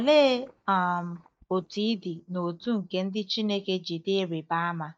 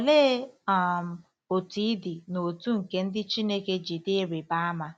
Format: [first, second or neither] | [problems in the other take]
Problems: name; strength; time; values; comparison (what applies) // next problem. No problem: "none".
second | noise reduction (neural mask model DeepFilterNet 3)